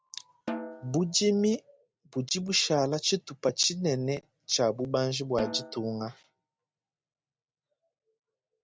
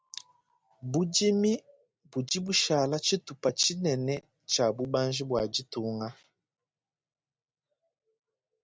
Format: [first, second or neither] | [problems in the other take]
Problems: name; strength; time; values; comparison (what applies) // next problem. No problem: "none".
second | background sound (Snare drum); 12 dB below the speech